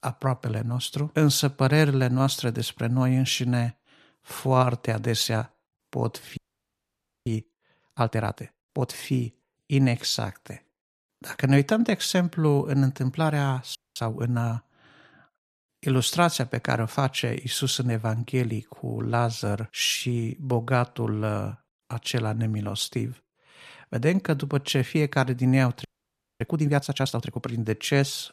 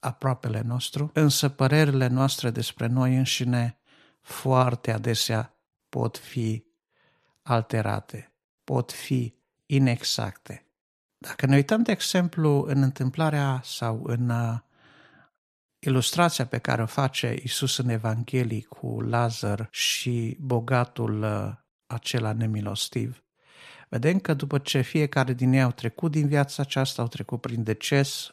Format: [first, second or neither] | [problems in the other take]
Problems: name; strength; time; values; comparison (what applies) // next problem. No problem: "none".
second | audio freezing; at 6.5 s for 1 s, at 14 s and at 26 s for 0.5 s